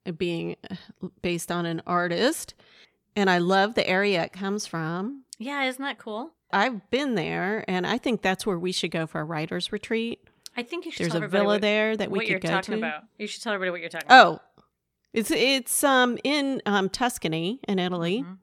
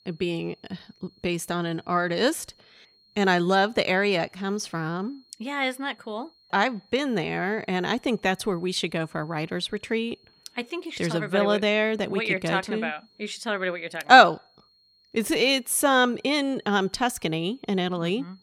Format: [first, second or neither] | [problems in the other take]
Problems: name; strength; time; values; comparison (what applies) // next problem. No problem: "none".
first | high-pitched whine; faint; throughout; 4 kHz, 35 dB below the speech